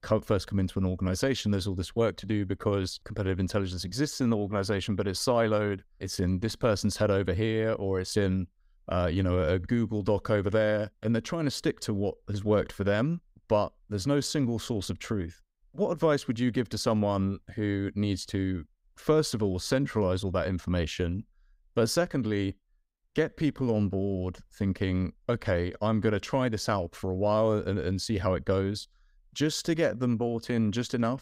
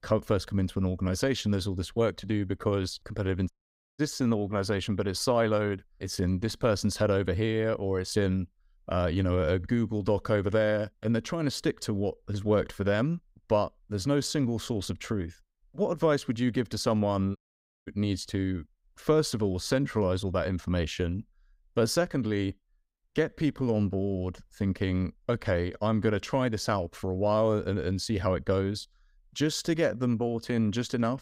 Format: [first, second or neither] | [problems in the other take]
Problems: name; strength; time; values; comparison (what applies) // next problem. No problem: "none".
first | audio cutting out; at 3.5 s and at 17 s for 0.5 s